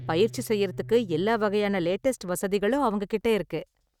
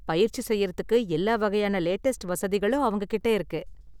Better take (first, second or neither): second